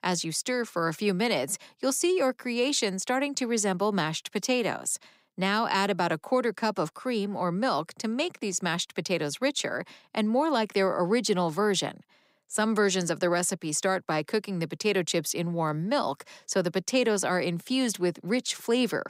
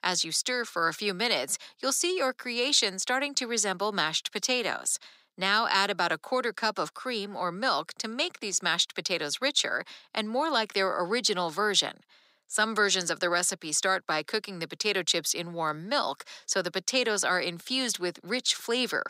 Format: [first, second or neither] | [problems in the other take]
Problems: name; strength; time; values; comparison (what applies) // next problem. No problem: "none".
first | thin; somewhat; fading below 450 Hz